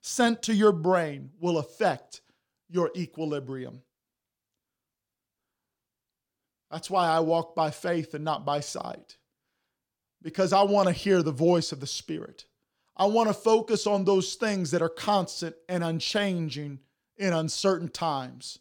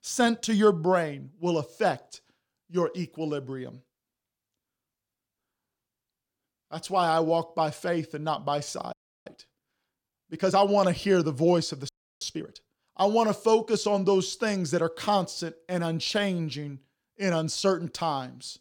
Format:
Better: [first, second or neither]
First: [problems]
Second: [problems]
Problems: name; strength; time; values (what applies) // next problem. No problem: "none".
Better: first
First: none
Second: audio freezing; at 9 s and at 12 s